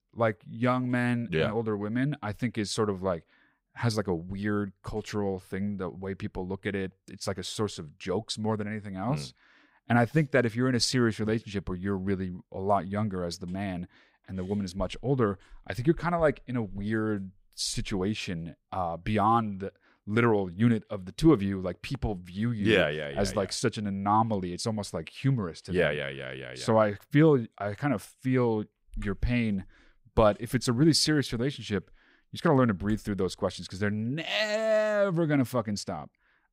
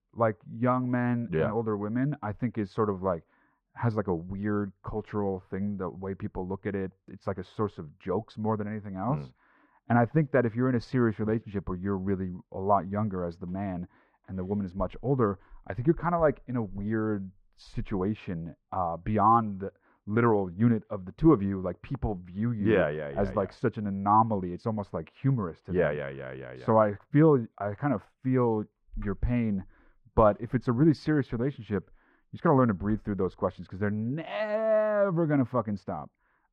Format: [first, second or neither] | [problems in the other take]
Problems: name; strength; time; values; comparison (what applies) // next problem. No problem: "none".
first | muffled; very; fading above 3.5 kHz